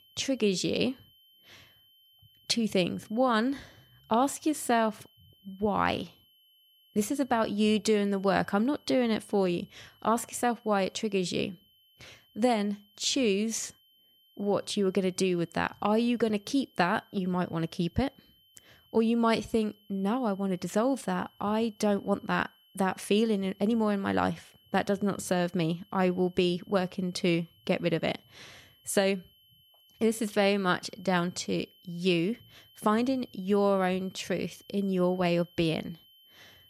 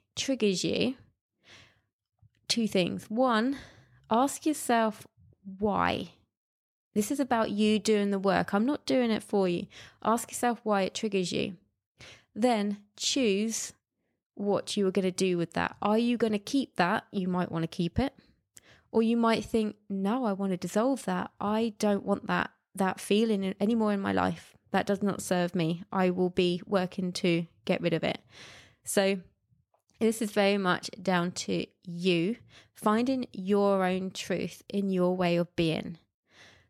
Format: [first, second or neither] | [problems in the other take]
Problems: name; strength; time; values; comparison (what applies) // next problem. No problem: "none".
second | high-pitched whine; faint; throughout; 3 kHz, 30 dB below the speech